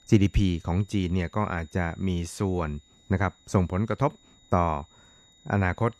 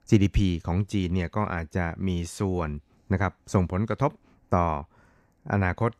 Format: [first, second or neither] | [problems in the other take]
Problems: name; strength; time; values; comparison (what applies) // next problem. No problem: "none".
second | high-pitched whine; faint; throughout; 4 kHz, 30 dB below the speech